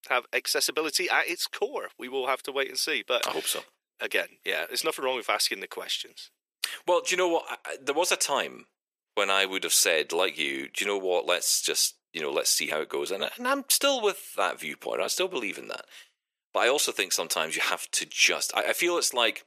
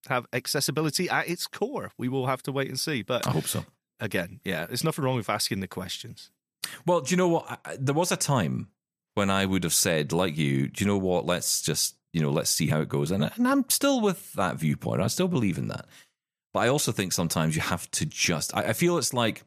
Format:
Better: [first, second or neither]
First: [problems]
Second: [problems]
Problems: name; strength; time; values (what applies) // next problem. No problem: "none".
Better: second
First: thin; very; fading below 400 Hz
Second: none